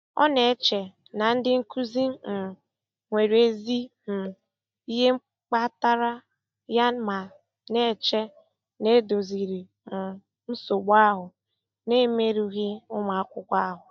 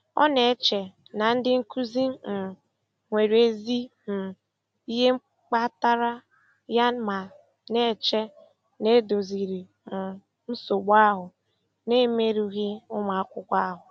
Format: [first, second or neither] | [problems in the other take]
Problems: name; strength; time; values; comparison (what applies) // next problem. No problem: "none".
second | noise reduction (neural mask model DeepFilterNet 3)